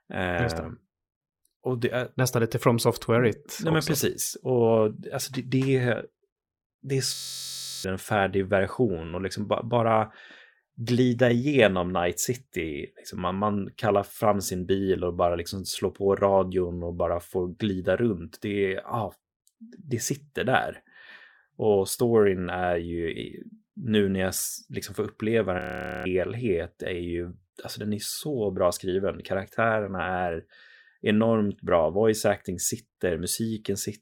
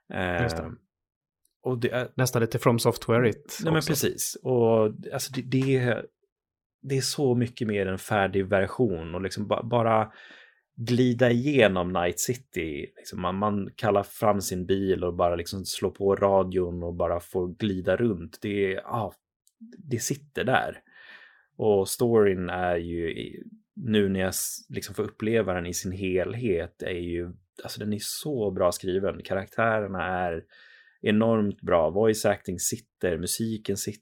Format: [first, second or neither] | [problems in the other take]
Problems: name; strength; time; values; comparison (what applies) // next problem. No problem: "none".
second | audio freezing; at 7 s for 0.5 s and at 26 s